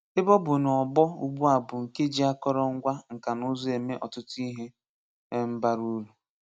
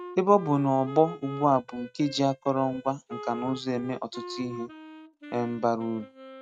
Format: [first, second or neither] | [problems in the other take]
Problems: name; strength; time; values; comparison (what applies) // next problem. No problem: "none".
first | noise reduction (neural mask model RNNoise)